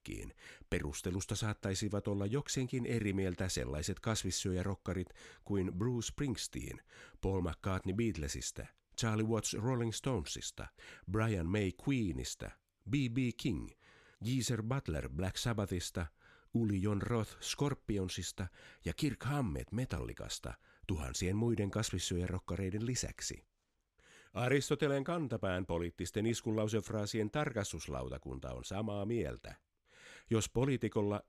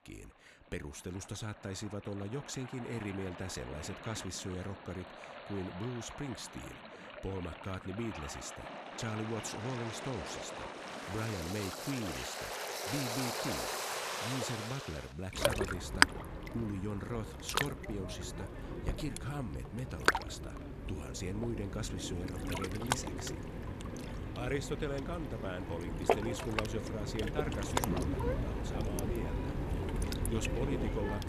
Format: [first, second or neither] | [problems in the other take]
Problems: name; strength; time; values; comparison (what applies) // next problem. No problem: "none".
first | rain or running water; very loud; throughout; 3 dB above the speech